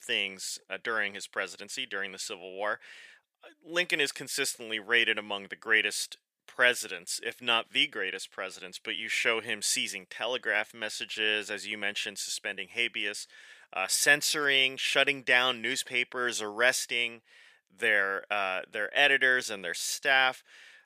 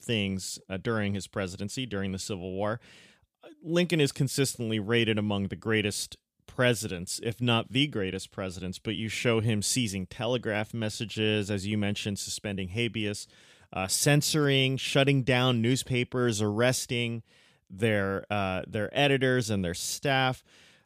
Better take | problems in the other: second | thin; very; fading below 550 Hz

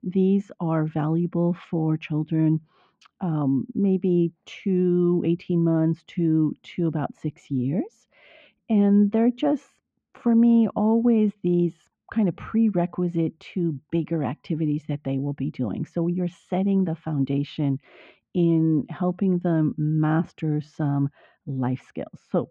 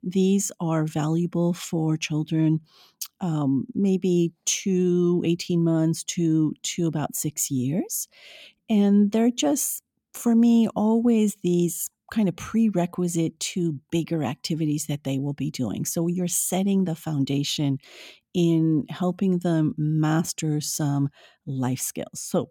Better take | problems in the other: second | muffled; very; fading above 2 kHz

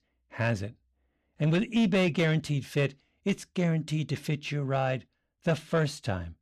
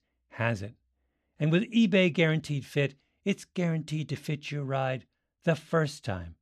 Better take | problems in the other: second | distortion; slight; 10 dB below the speech

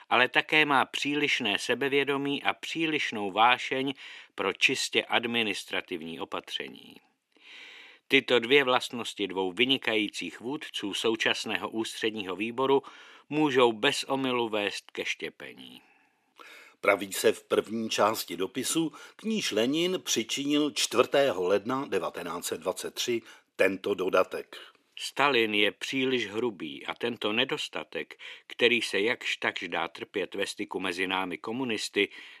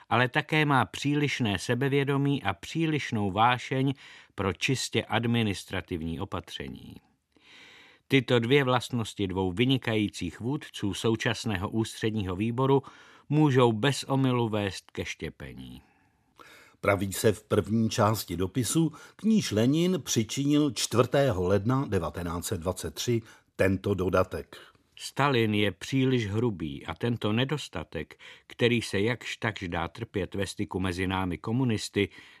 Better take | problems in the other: second | thin; somewhat; fading below 350 Hz

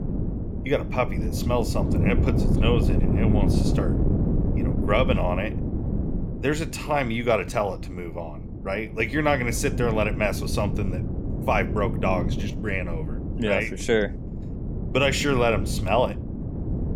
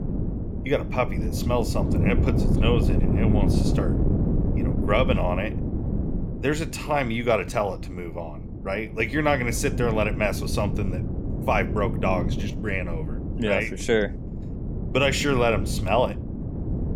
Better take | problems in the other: neither | wind noise on the microphone; heavy; 10 dB below the speech; the same in both

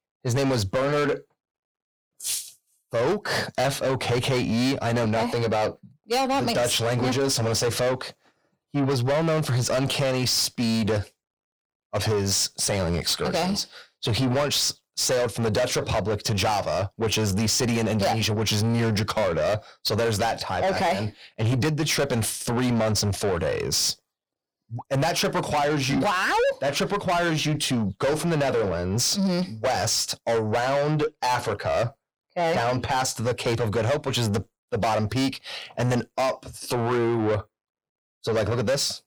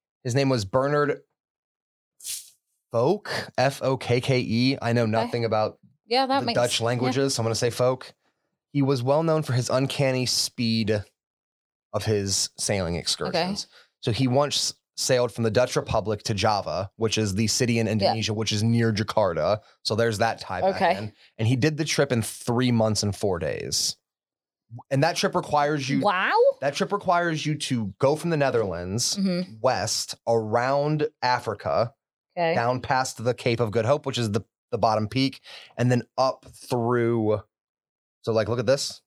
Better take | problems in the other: second | distortion; heavy; 7 dB below the speech

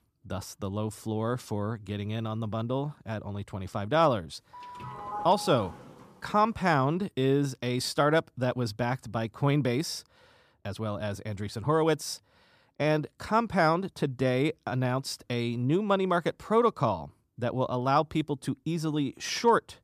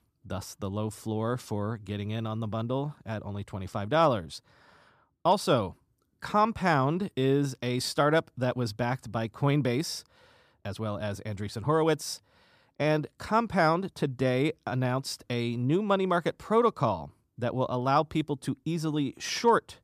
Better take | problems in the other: second | doorbell; noticeable; from 4.5 to 6 s; peak 7 dB below the speech

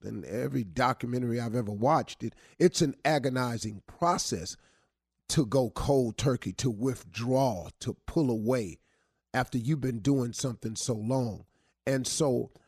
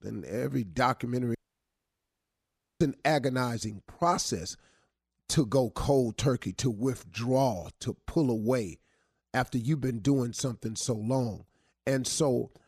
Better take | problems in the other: first | audio cutting out; at 1.5 s for 1.5 s

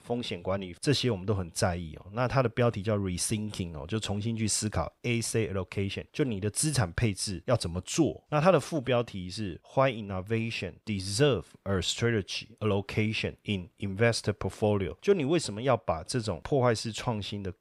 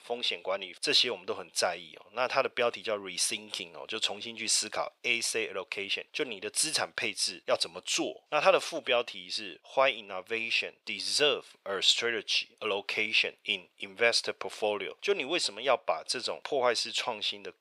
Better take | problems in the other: first | thin; very; fading below 550 Hz

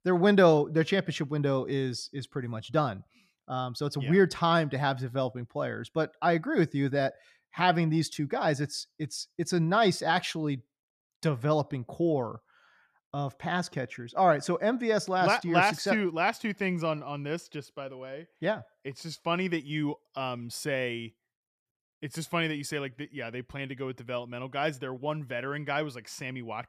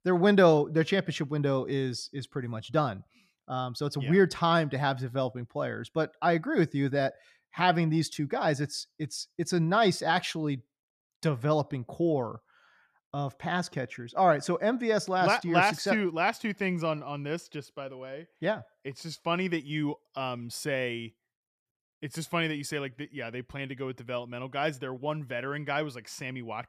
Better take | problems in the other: neither | none

